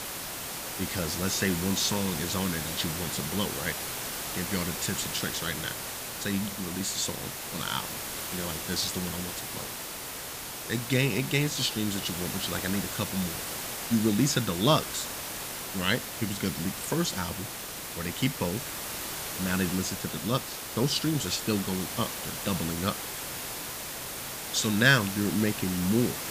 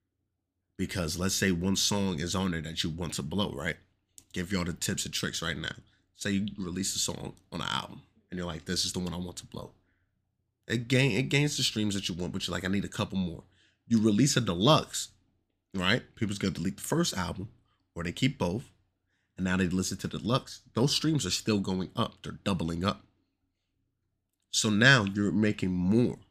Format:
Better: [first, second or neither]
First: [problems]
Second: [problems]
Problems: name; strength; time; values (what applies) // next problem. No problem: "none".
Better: second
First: hiss; loud; throughout; 4 dB below the speech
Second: none